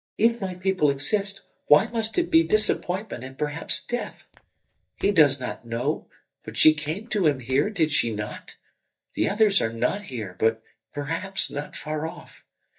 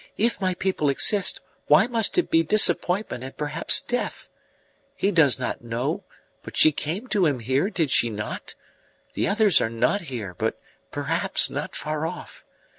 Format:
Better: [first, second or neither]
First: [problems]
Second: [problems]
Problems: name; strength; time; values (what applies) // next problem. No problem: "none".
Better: second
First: noise reduction (neural mask model DeepFilterNet 3)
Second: none